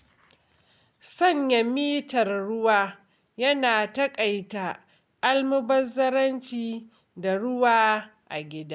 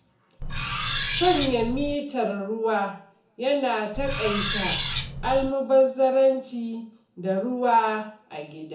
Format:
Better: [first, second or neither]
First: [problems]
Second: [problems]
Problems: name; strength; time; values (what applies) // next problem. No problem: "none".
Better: first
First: none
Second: background sound (Cutlery, silverware); 4 dB below the speech // room echo; dies away in 0.5 s